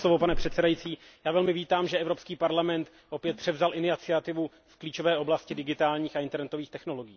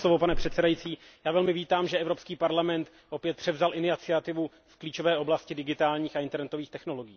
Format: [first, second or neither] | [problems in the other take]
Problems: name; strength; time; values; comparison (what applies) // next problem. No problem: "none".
second | background sound (Snare drum); 19 dB below the speech